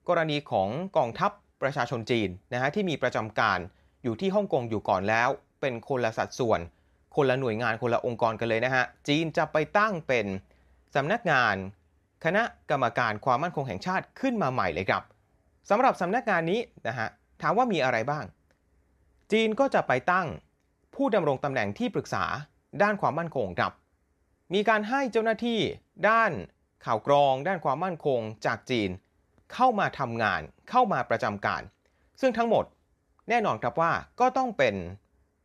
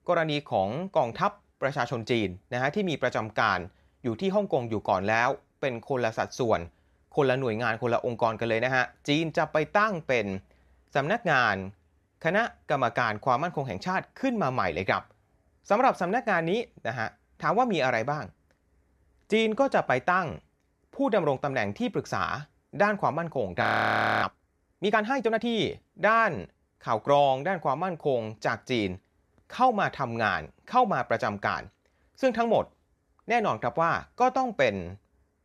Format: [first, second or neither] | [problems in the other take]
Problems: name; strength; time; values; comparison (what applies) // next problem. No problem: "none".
first | audio freezing; at 24 s for 0.5 s